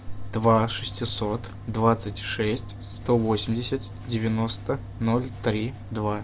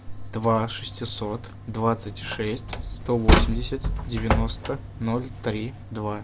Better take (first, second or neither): first